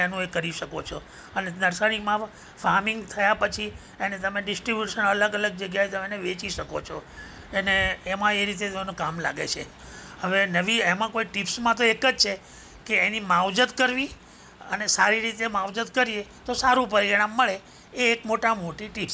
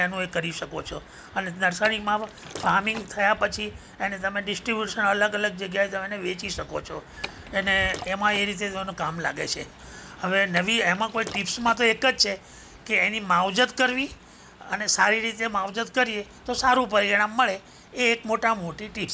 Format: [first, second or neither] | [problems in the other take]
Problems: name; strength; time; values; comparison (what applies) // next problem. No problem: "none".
first | background sound (Liquid); 16 dB below the speech